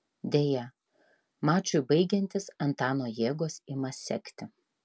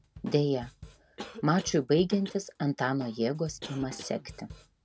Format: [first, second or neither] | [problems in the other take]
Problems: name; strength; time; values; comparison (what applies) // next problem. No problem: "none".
first | background sound (Drum kit + Cough); 17 dB below the speech